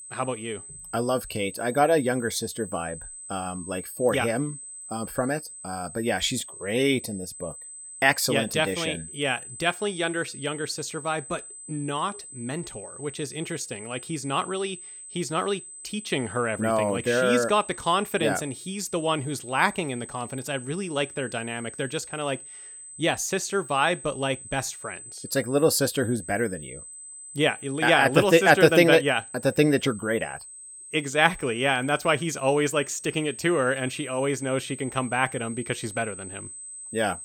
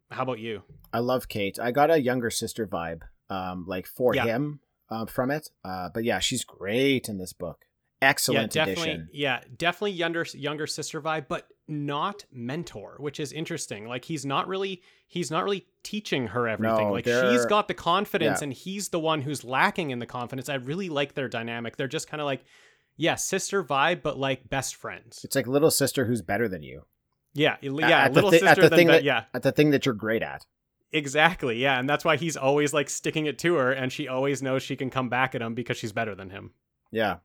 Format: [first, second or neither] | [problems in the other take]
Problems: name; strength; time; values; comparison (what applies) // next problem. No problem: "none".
second | high-pitched whine; noticeable; throughout; 8 kHz, 15 dB below the speech